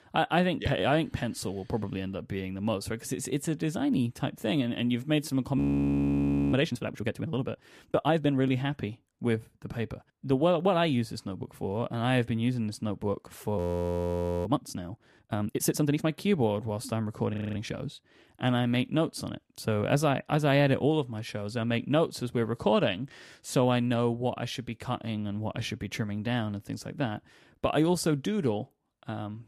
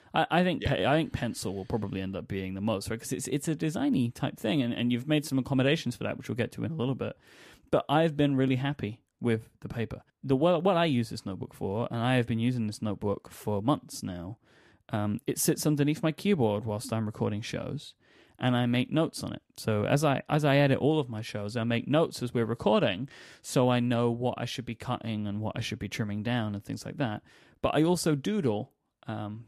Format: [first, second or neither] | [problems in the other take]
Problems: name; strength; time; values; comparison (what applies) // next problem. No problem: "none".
second | audio freezing; at 5.5 s for 1 s, at 14 s for 1 s and at 17 s